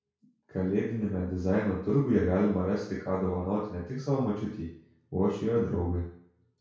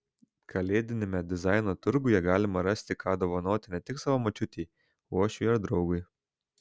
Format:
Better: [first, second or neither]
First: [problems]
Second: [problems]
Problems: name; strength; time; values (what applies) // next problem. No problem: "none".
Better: second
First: room echo; dies away in 0.6 s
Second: none